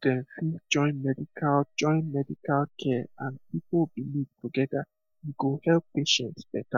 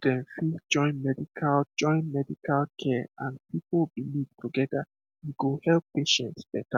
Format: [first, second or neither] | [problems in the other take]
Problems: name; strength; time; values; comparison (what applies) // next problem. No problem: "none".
second | noise reduction (neural mask model DeepFilterNet 3)